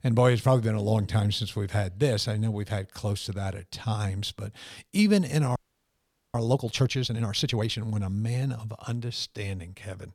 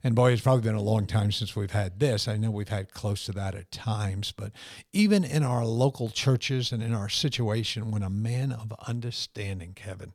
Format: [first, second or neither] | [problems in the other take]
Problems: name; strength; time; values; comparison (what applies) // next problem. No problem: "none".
second | audio freezing; at 5.5 s for 1 s